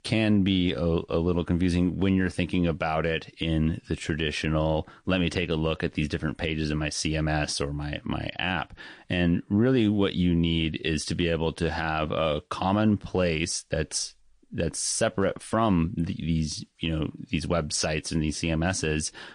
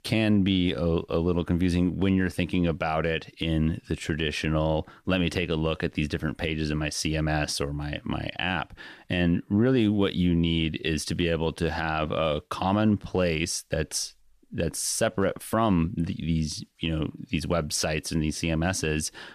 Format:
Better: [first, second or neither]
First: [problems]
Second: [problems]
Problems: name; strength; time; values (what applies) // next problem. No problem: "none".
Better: second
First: garbled, watery; slightly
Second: none